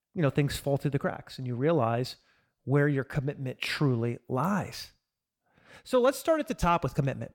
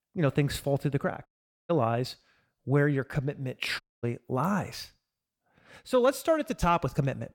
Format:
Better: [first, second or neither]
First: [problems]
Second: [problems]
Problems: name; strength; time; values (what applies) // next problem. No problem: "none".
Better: first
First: none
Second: audio cutting out; at 1.5 s and at 4 s